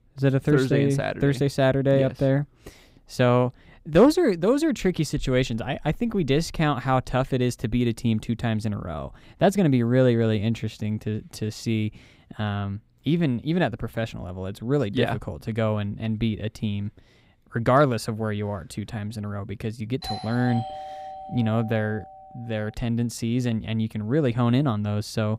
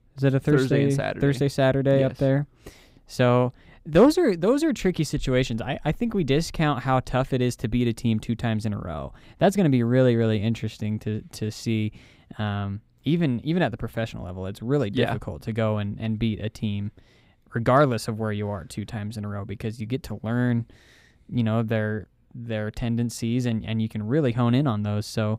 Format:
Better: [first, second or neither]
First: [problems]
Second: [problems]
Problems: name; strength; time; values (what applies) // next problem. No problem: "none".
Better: second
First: doorbell; noticeable; from 20 to 22 s; peak 9 dB below the speech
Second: none